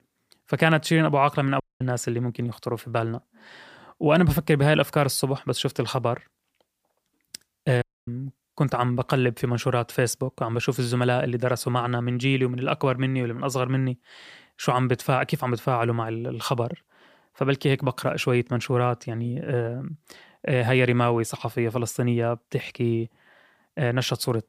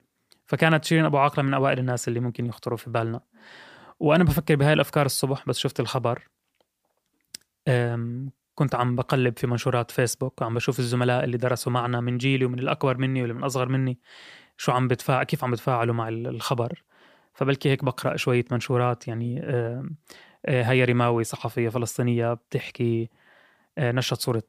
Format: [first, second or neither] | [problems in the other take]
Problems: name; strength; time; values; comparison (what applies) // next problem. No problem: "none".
second | audio cutting out; at 1.5 s and at 8 s